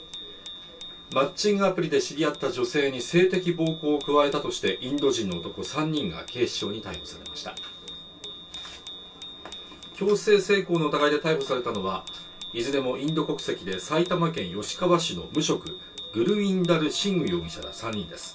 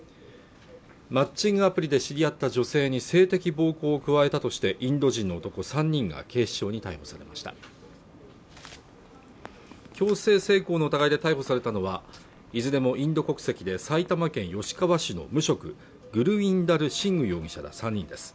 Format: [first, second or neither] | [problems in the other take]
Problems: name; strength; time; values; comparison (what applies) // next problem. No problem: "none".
second | background sound (Bicycle bell); 16 dB below the speech // room echo; dies away in 0.2 s